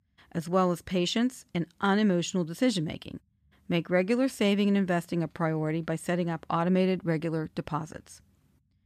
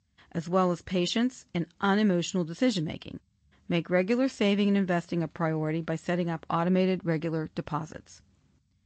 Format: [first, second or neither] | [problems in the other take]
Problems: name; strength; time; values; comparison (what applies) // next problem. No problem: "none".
first | garbled, watery; slightly; nothing above 7.5 kHz